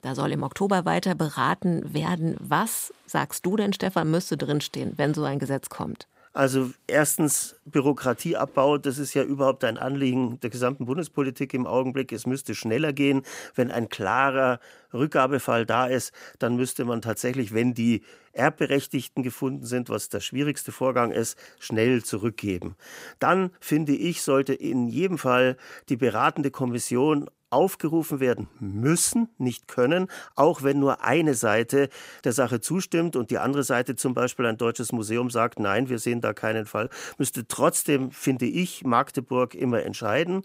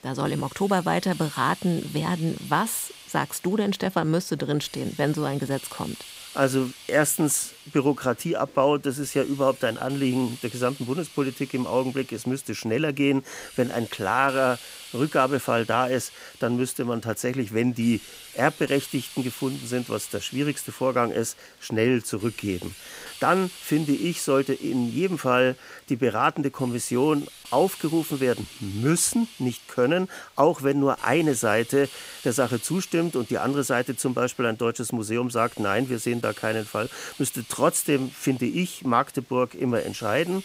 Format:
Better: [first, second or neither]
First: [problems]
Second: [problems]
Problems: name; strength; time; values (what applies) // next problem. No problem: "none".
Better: first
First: none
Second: hiss; noticeable; throughout; 15 dB below the speech